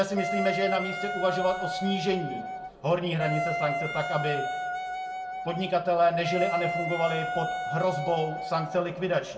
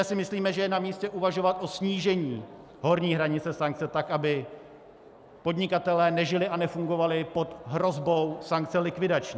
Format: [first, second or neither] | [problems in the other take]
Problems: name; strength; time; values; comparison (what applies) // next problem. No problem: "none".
second | background sound (Wind instrument, woodwind instrument); 4 dB below the speech // room echo; dies away in 0.3 s